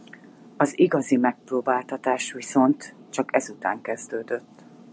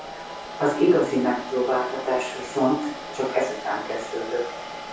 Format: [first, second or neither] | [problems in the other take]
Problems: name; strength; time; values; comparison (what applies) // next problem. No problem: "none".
first | background sound (Domestic sounds, home sounds); 11 dB below the speech // room echo; dies away in 0.6 s